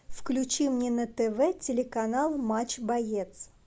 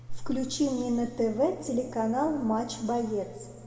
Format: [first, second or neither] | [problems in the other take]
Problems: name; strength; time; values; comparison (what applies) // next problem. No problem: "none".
first | background sound (Engine); 19 dB below the speech // room echo; dies away in 1.8 s